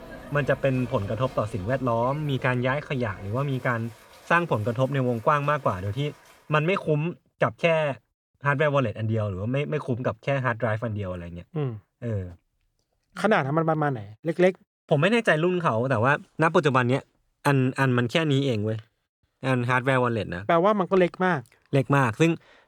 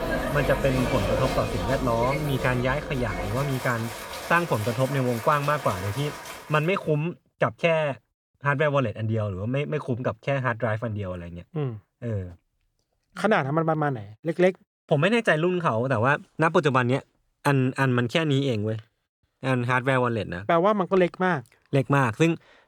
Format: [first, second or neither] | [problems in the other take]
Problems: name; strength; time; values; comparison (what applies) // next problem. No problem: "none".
first | crowd noise; loud; until 6.5 s; 7 dB below the speech; faint in the first